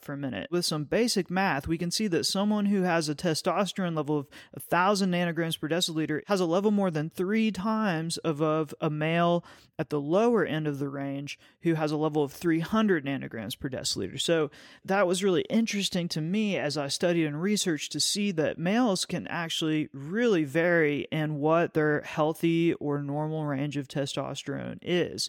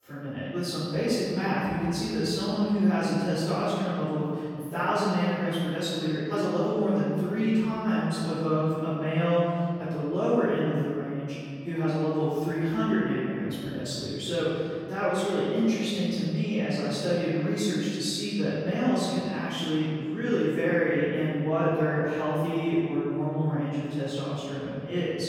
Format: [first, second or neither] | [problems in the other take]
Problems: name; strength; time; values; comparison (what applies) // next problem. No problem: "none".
first | off-mic speech; far // room echo; strong; dies away in 2.4 s